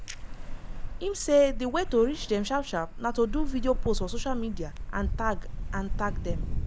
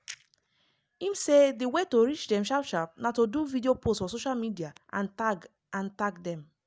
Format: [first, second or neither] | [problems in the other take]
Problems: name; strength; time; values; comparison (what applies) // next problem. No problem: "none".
second | background sound (Ocean); 2 dB below the speech